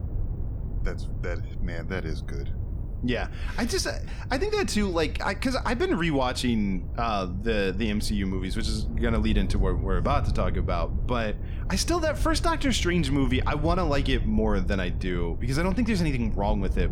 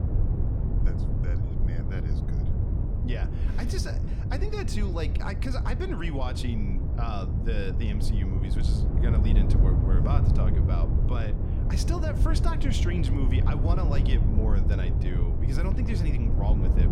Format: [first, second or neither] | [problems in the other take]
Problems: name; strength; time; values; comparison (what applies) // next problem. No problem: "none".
first | wind noise on the microphone; heavy; 2 dB below the speech; occasional gusts in the first